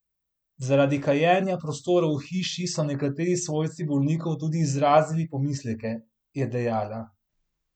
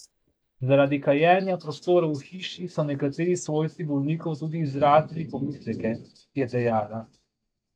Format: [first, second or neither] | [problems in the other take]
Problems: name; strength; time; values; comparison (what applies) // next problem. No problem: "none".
first | noise reduction (neural mask model DeepFilterNet 3)